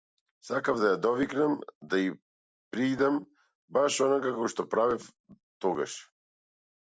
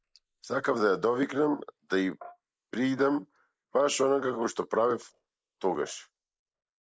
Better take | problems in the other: first | noise reduction (neural mask model Resemble Enhance denoiser)

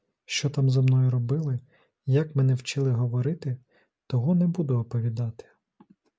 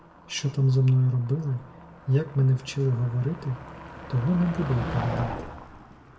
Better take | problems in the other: first | background sound (Motor vehicle (road)); 12 dB below the speech // room echo; dies away in 0.5 s

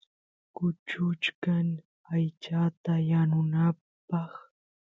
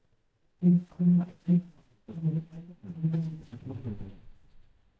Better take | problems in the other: first | noise reduction (neural mask model DeepFilterNet 3)

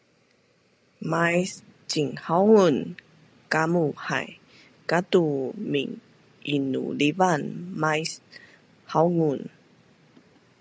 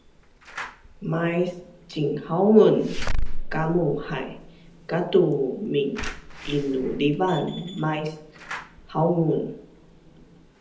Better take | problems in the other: first | background sound (Slam / Alarm); 6 dB below the speech // room echo; dies away in 0.9 s

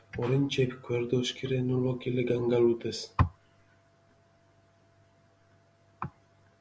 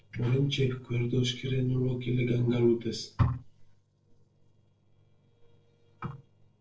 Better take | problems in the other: first | noise reduction (neural separator model SepFormer DNS4)

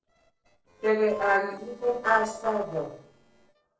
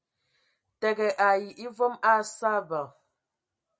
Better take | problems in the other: second | noise reduction (neural separator model SepFormer DNS4)

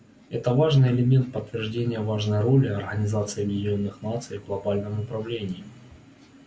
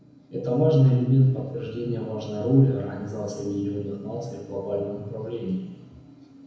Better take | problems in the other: first | room echo; dies away in 1 s

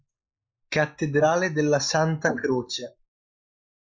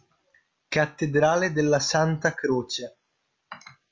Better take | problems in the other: second | noise reduction (neural mask model Resemble Enhance denoiser)

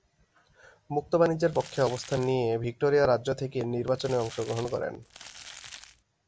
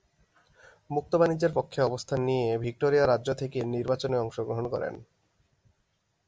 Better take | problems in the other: second | background sound (Crumpling, crinkling); 18 dB below the speech

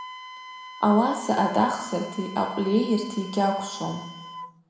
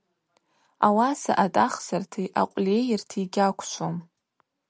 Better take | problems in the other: second | background sound (Wind instrument, woodwind instrument); 15 dB below the speech // room echo; dies away in 1.1 s

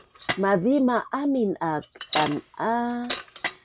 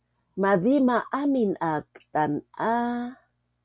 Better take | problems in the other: second | background sound (Bicycle); 10 dB below the speech

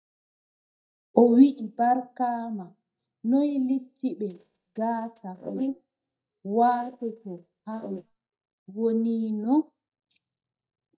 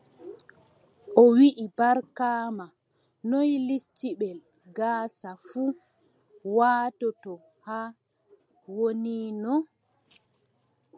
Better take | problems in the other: second | noise reduction (neural mask model DeepFilterNet 3)

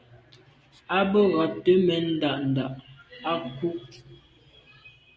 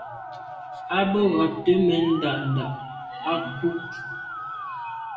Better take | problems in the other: first | background sound (Musical instrument); 10 dB below the speech // room echo; dies away in 0.9 s

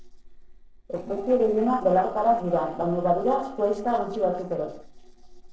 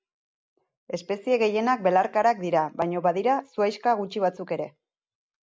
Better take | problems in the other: second | noise reduction (neural separator model SepFormer DNS4)

